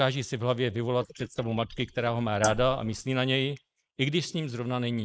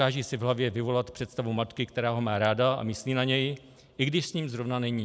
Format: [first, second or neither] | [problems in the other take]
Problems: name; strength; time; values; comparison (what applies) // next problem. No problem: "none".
second | noise reduction (neural mask model Resemble Enhance denoiser)